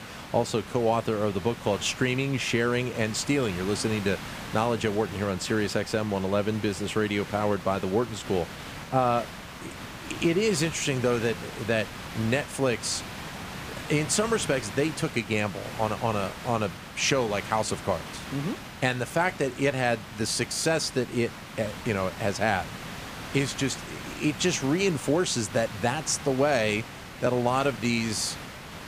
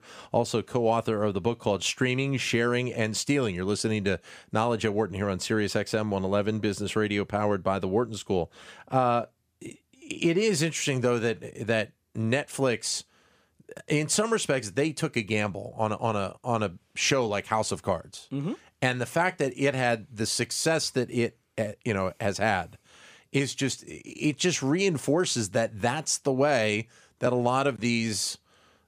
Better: second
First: hiss; noticeable; throughout; 10 dB below the speech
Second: none

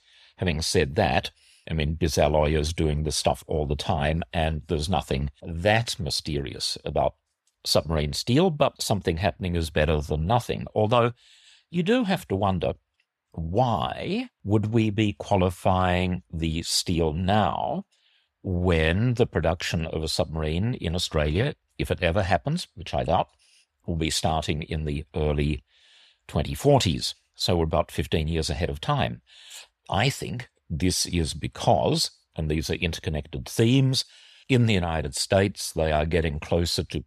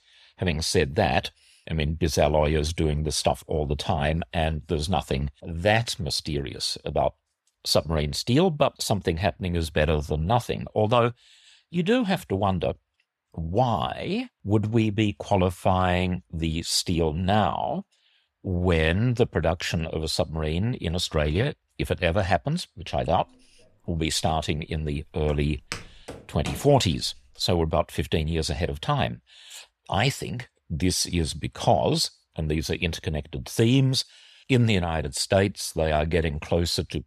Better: first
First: none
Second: footsteps; faint; from 24 to 27 s; peak 10 dB below the speech

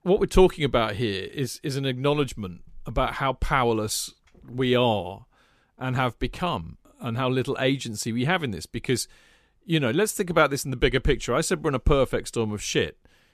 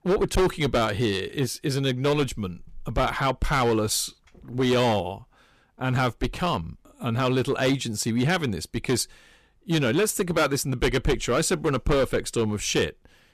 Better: first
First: none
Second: distortion; heavy; 9% of the sound clipped

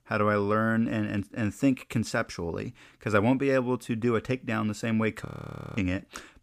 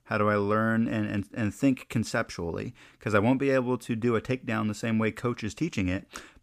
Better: second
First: audio freezing; at 5.5 s for 0.5 s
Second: none

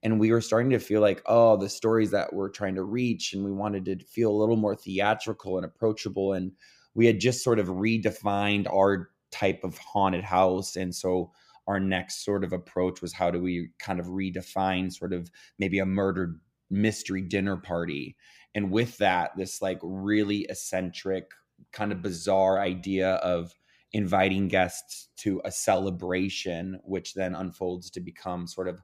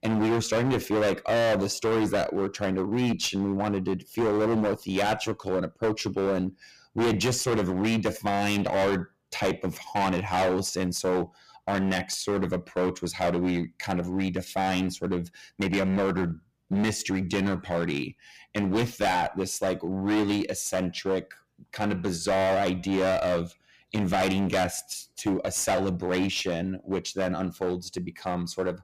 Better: first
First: none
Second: distortion; heavy; 17% of the sound clipped

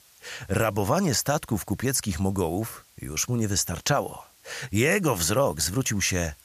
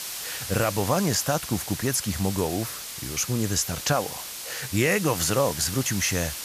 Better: first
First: hiss; faint; throughout; 30 dB below the speech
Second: hiss; loud; throughout; 7 dB below the speech

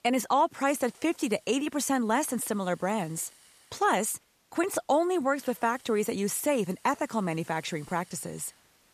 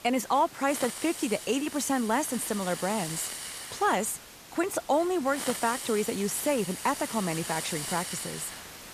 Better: first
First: hiss; faint; throughout; 25 dB below the speech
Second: hiss; loud; throughout; 7 dB below the speech

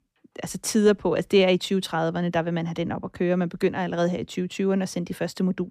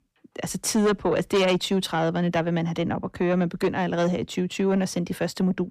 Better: first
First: none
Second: distortion; slight; 10 dB below the speech

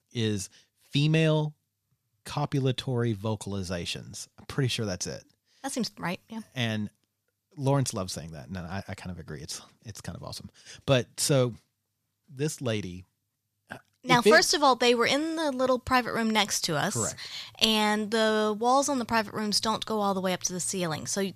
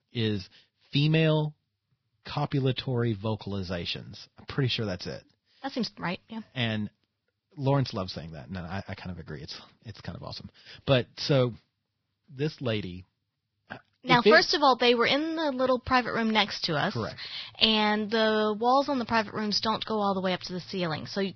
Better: first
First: none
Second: garbled, watery; badly; nothing above 5.5 kHz

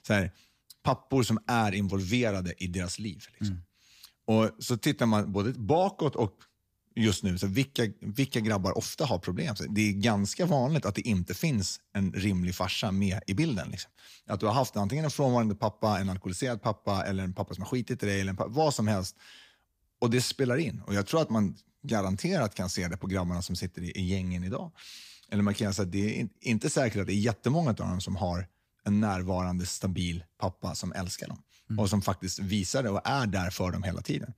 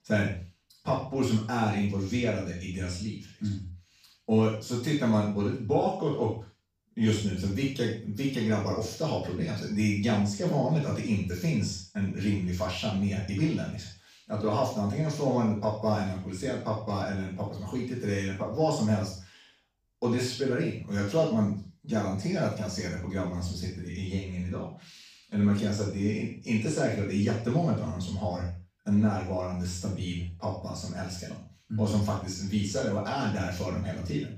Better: first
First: none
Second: room echo; noticeable; dies away in 0.4 s // off-mic speech; far

